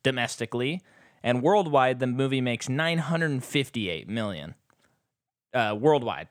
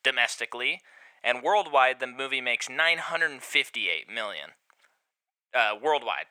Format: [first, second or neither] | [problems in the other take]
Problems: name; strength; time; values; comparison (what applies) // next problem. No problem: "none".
first | thin; very; fading below 750 Hz